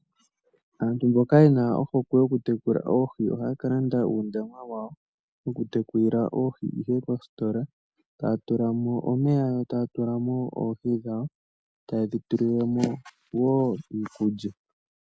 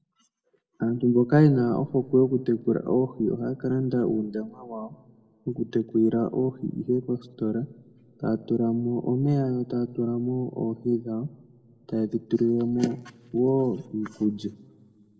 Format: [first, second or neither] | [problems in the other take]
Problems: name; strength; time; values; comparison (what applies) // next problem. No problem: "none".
first | room echo; dies away in 1 s